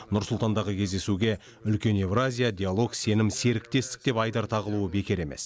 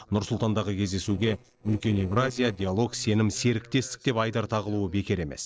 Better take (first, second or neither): first